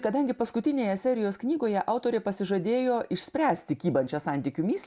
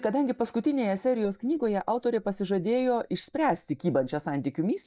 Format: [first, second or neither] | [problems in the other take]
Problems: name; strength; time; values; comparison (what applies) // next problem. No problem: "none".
first | noise reduction (neural mask model DeepFilterNet 3)